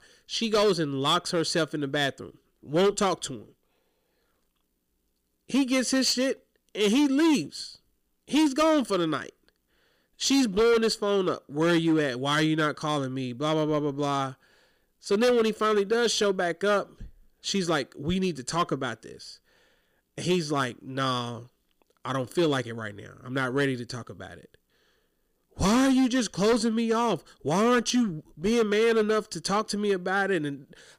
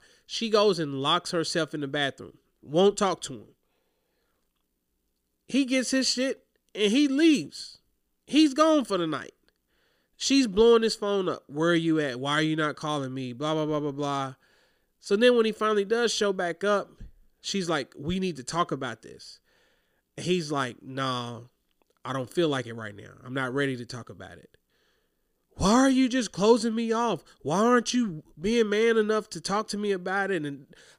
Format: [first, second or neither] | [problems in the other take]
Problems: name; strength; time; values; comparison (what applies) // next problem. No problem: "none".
second | distortion; slight; 6% of the sound clipped